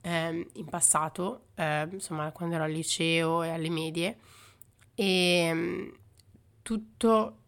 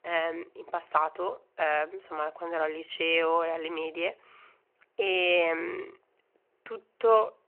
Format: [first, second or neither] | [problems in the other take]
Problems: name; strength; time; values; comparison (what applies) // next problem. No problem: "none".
first | phone-call audio; nothing above 3 kHz